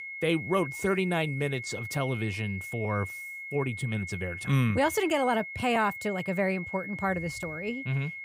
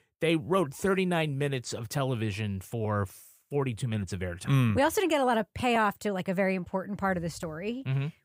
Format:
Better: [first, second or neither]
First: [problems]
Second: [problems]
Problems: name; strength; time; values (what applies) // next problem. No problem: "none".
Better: second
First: high-pitched whine; loud; throughout; 2 kHz, 8 dB below the speech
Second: none